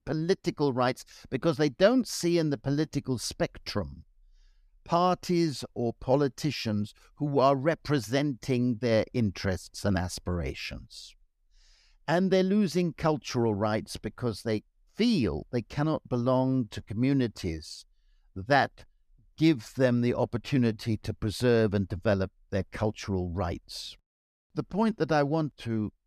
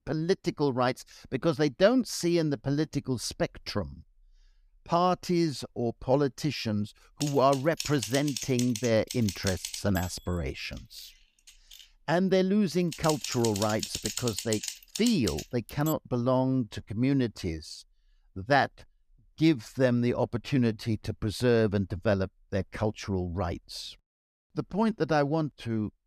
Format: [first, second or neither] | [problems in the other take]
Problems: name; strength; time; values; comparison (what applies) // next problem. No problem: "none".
first | keyboard typing; noticeable; from 7 to 16 s; peak 4 dB below the speech